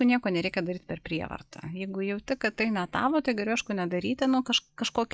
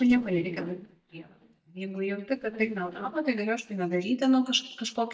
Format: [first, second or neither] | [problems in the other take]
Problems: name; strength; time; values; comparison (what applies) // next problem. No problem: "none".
first | noise reduction (neural mask model DeepFilterNet 3)